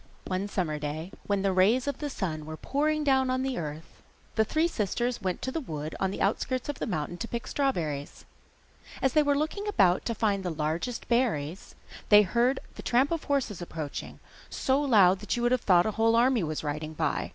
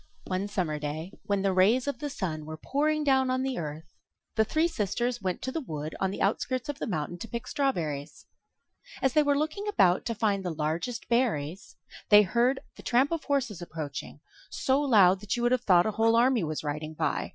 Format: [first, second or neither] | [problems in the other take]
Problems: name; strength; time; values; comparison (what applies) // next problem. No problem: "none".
first | noise reduction (classical method Wiener filter)